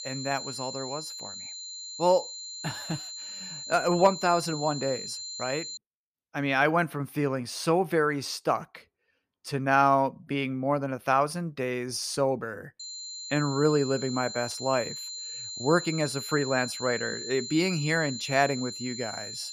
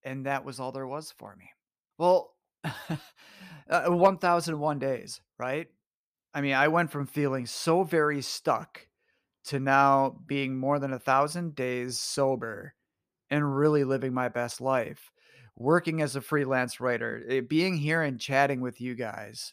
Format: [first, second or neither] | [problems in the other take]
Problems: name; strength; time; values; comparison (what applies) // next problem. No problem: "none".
second | high-pitched whine; loud; until 6 s and from 13 s on; 4 kHz, 8 dB below the speech